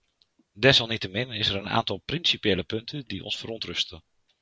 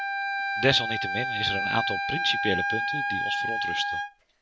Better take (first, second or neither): first